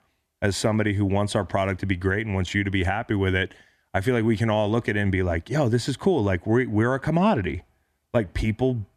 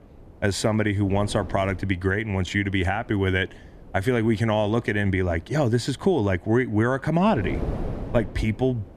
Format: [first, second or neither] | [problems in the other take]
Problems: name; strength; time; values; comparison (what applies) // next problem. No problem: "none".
first | wind noise on the microphone; occasional gusts; 20 dB below the speech